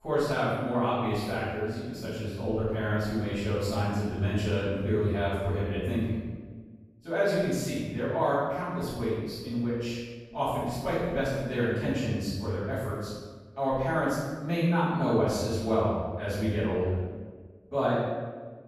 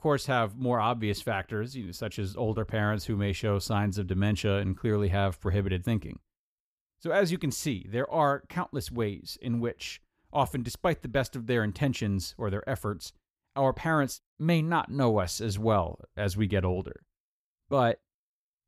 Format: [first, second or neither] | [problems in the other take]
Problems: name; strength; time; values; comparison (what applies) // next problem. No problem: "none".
second | room echo; strong; dies away in 1.2 s // off-mic speech; far